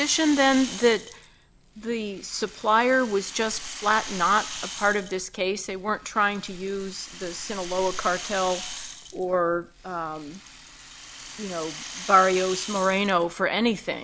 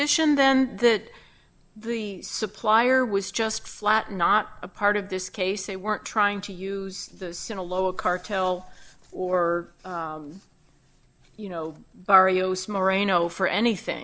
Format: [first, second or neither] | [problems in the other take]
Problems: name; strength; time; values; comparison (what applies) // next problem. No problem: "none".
second | background sound (Rattle (instrument)); 14 dB below the speech